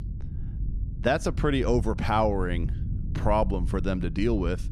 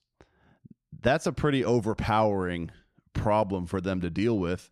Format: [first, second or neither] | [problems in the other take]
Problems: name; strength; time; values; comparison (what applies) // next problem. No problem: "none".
second | low rumble; noticeable; throughout; 20 dB below the speech